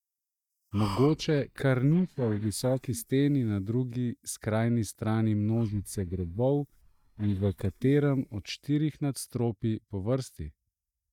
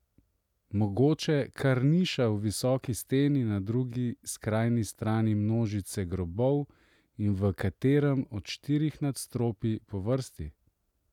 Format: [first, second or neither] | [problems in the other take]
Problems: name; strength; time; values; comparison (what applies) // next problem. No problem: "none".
second | noise reduction (neural mask model DeepFilterNet 3)